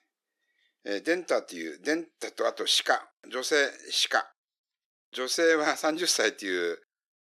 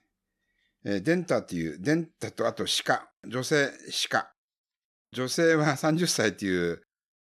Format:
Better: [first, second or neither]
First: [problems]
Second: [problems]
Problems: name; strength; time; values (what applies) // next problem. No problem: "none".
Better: second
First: thin; somewhat; fading below 350 Hz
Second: none